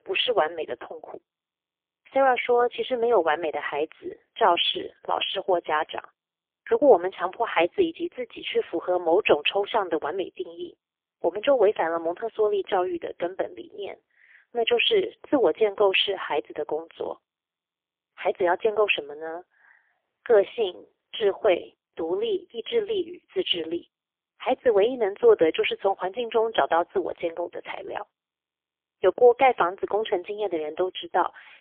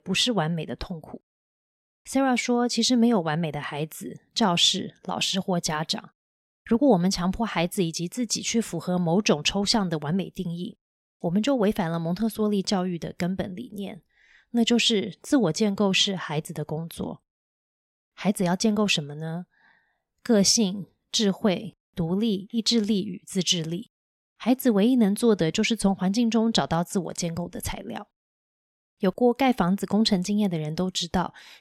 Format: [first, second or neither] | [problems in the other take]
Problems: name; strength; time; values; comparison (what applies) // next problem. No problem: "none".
second | phone-call audio; poor line; nothing above 3.5 kHz